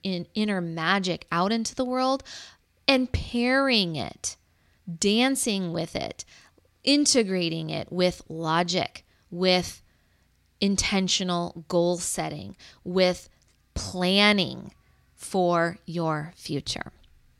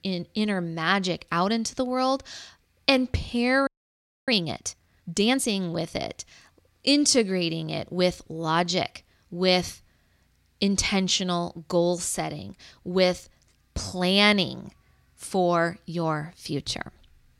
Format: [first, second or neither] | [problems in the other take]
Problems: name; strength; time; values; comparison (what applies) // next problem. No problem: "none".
first | audio freezing; at 3.5 s for 0.5 s